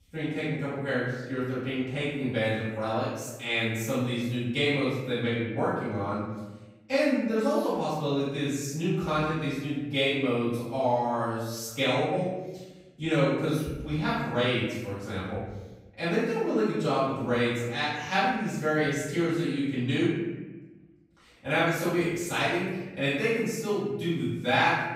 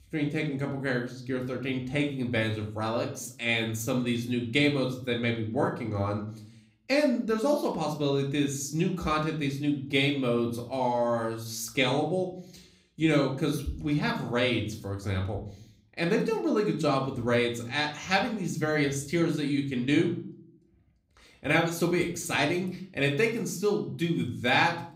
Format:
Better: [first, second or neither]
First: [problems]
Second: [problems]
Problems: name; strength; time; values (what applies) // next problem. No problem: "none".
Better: second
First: room echo; strong; dies away in 1.1 s // off-mic speech; far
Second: room echo; slight; dies away in 0.5 s // off-mic speech; somewhat distant